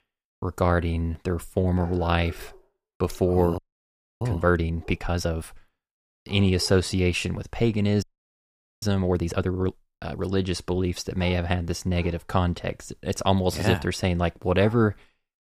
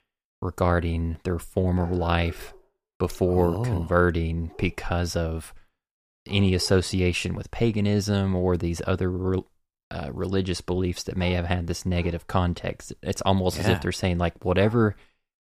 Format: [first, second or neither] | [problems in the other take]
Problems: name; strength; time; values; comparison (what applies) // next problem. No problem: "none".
second | audio freezing; at 3.5 s for 0.5 s and at 8 s for 1 s